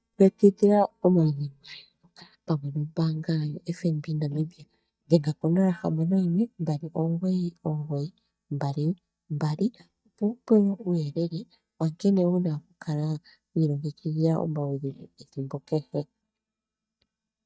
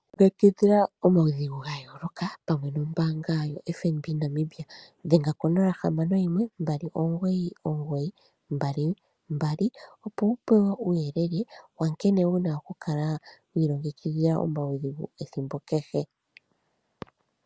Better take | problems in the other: second | noise reduction (neural mask model DeepFilterNet 3)

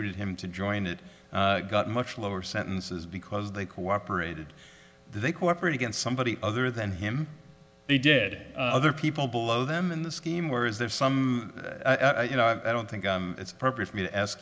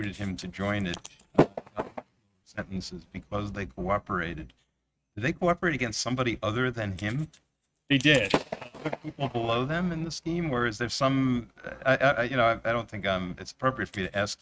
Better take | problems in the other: first | noise reduction (neural mask model RNNoise)

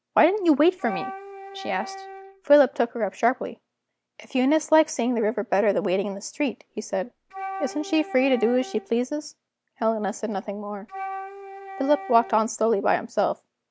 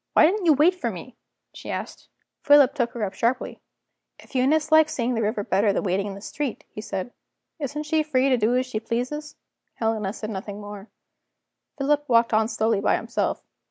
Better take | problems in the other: second | background sound (Wind instrument, woodwind instrument); 13 dB below the speech

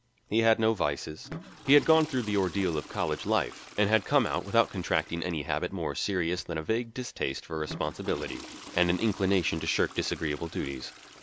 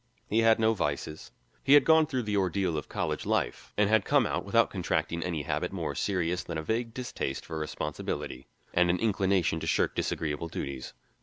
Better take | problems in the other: second | background sound (Toilet flush / Water); 18 dB below the speech

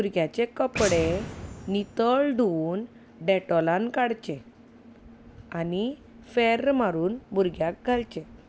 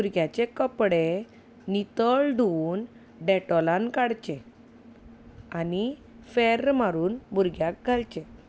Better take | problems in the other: second | background sound (Boom); 12 dB below the speech

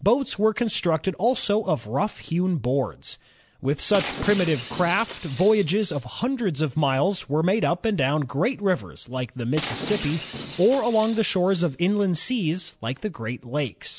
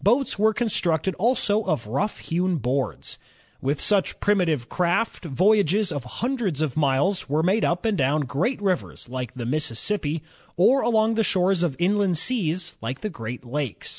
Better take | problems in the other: second | background sound (Shatter); 14 dB below the speech

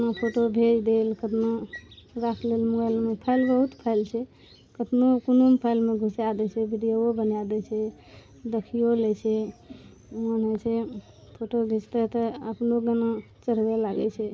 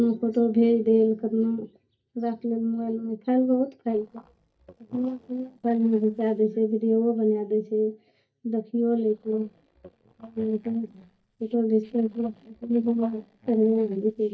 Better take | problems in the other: first | noise reduction (neural mask model DeepFilterNet 3)

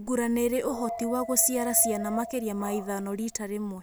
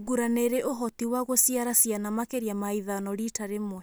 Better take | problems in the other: second | background sound (Dog); 10 dB below the speech

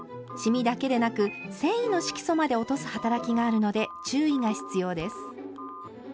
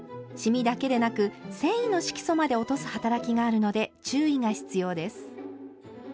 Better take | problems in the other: second | background sound (Telephone); 16 dB below the speech

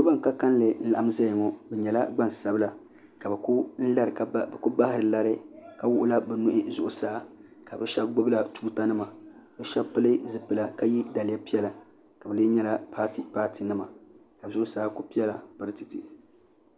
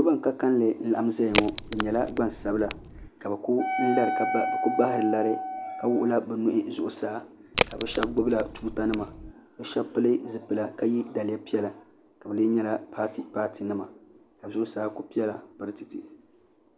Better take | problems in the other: first | background sound (Crack + Wind instrument, woodwind instrument); 3 dB below the speech

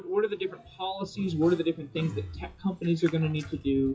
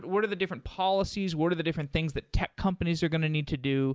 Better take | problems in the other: second | noise reduction (classical method WPE with log-MMSE)

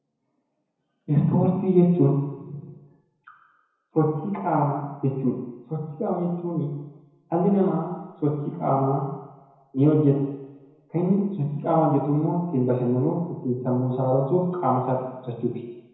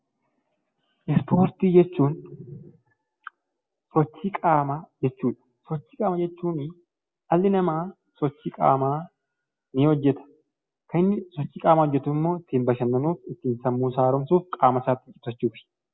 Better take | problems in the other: second | room echo; dies away in 1 s

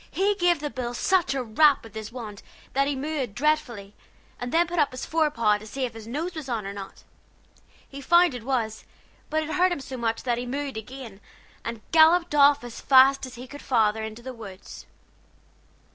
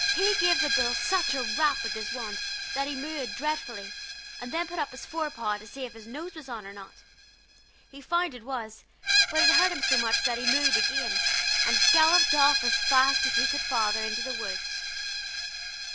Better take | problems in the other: first | background sound (Screech); 4 dB above the speech

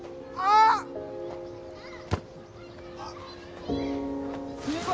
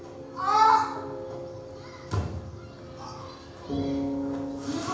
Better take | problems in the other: first | room echo; dies away in 1 s

